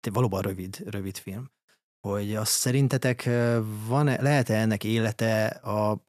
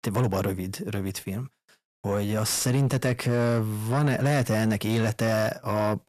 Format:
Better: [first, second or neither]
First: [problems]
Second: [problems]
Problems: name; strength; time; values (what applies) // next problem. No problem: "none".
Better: first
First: none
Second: distortion; slight; 10 dB below the speech